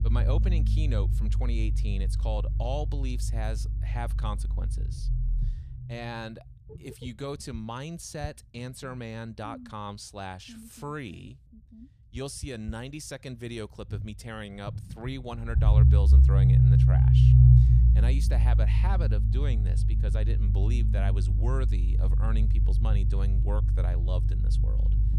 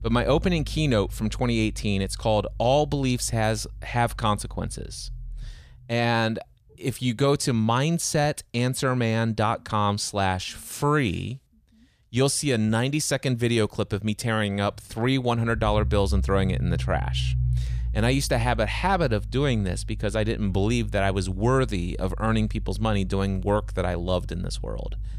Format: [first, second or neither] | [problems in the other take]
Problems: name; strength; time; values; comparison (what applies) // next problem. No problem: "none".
second | low rumble; loud; throughout; as loud as the speech; faint in the second